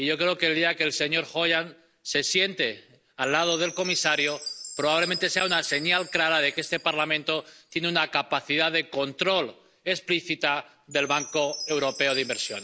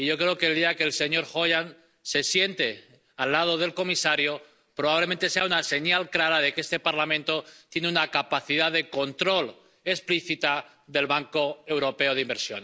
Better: second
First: background sound (Chime); 16 dB below the speech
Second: none

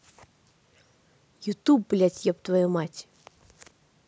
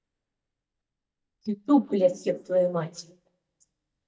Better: first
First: none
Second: noise reduction (neural mask model DeepFilterNet 3)

